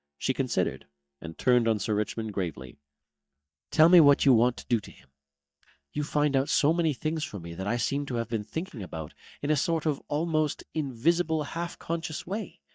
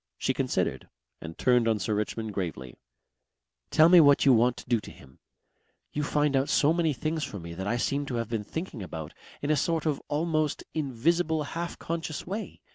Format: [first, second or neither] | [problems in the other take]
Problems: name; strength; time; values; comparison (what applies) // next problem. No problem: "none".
second | noise reduction (neural mask model DeepFilterNet 3)